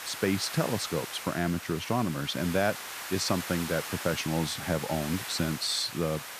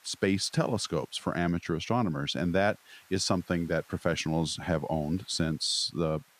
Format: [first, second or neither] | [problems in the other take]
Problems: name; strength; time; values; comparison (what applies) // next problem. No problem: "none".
second | hiss; loud; throughout; 7 dB below the speech; faint in the second